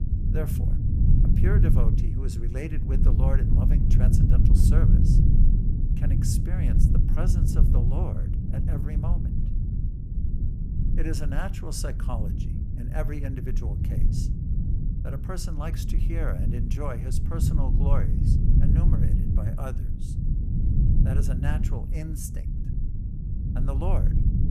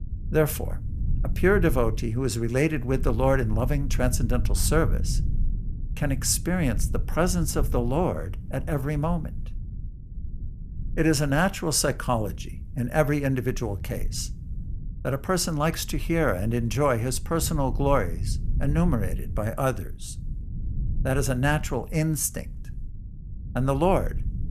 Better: second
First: low rumble; loud; throughout; as loud as the speech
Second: low rumble; faint; throughout; 20 dB below the speech

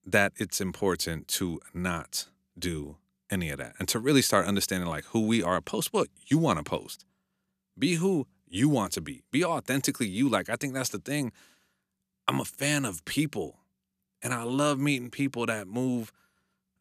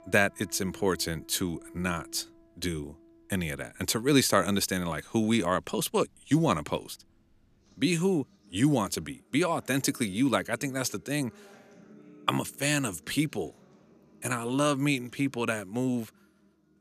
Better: first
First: none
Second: background music; faint; throughout; 25 dB below the speech

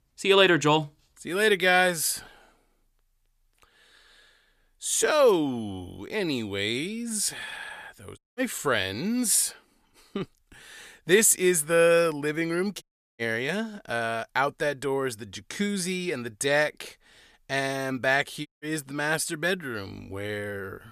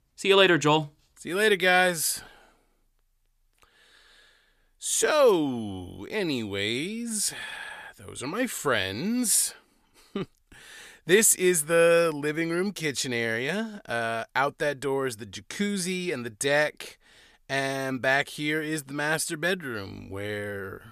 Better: second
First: audio cutting out; at 8 s, at 13 s and at 18 s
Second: none

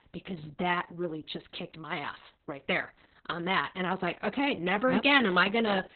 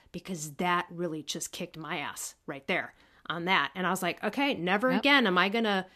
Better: second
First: garbled, watery; badly; nothing above 4 kHz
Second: none

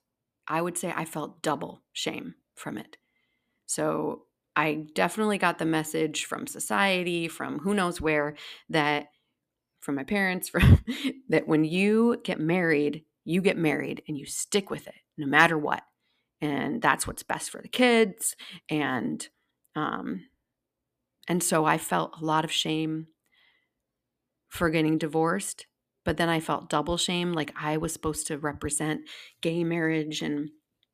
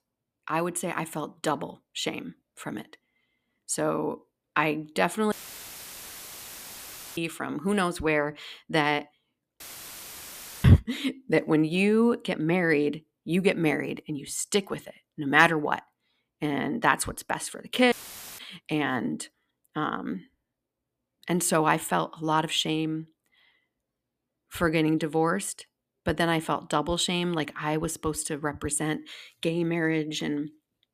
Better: first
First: none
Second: audio cutting out; filled with static; at 5.5 s for 2 s, at 9.5 s for 1 s and at 18 s

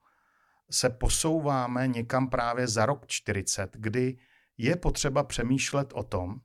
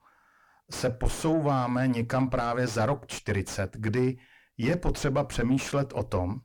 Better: first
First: none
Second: distortion; heavy; 7 dB below the speech

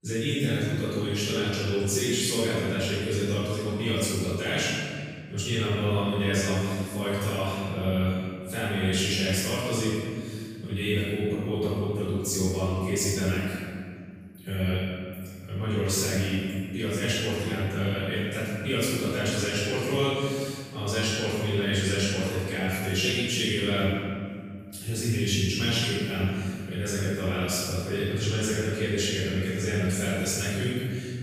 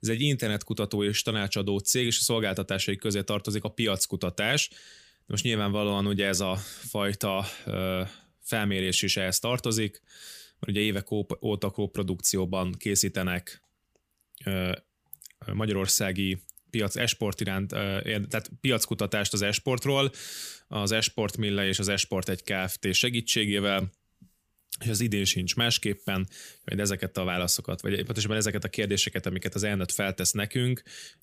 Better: second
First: off-mic speech; far // room echo; strong; dies away in 1.9 s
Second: none

